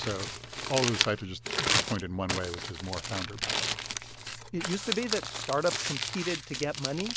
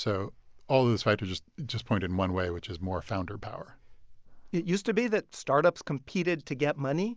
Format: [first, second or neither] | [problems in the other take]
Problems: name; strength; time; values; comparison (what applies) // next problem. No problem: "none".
second | background sound (Crumpling, crinkling); as loud as the speech